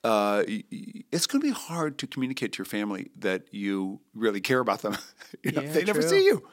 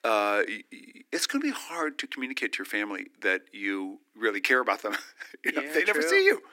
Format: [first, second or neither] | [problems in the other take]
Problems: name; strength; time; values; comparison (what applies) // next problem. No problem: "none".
first | thin; somewhat; fading below 300 Hz